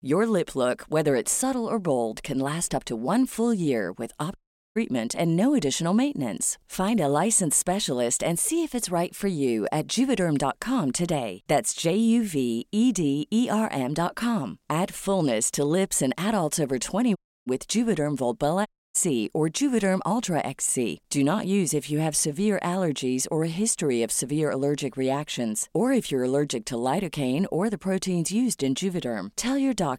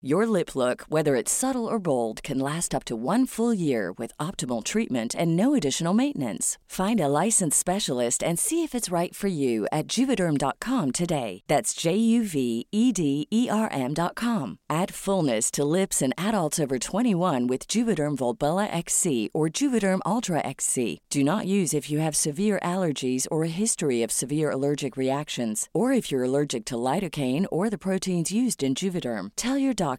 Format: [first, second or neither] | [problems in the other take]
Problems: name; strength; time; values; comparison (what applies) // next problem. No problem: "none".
second | audio cutting out; at 4.5 s, at 17 s and at 19 s